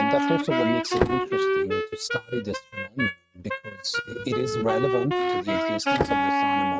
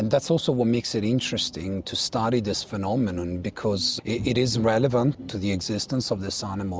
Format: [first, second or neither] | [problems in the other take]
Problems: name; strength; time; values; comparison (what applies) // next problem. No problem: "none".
second | noise reduction (neural mask model RNNoise)